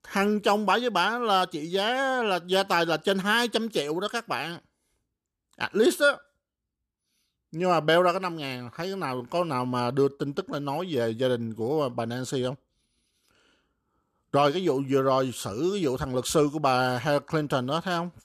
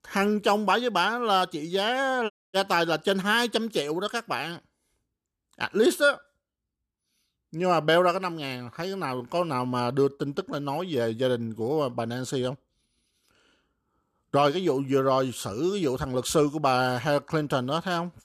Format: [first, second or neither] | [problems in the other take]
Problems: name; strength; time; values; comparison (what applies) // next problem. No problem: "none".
first | audio cutting out; at 2.5 s